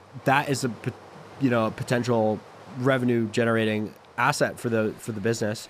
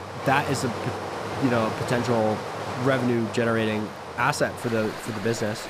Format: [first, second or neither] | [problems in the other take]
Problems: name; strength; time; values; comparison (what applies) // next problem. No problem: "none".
first | rain or running water; loud; throughout; 6 dB below the speech; faint in the first